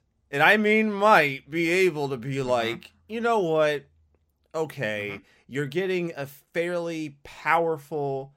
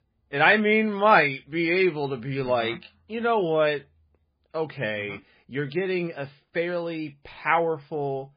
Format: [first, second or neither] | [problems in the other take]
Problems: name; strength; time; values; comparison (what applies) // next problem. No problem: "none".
first | garbled, watery; badly; nothing above 4.5 kHz